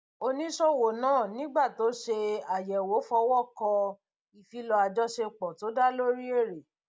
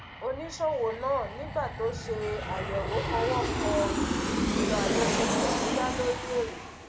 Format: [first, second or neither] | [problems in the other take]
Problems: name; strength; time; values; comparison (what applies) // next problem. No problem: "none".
first | background sound (Aircraft); 2 dB above the speech // room echo; dies away in 1.3 s